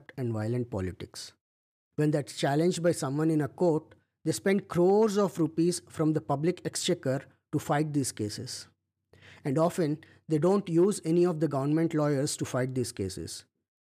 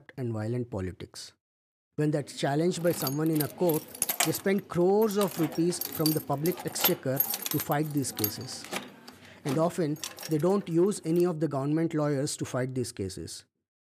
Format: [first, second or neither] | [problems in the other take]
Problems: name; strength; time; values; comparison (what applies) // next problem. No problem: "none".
first | jangling keys; loud; from 3 to 10 s; peak 3 dB above the speech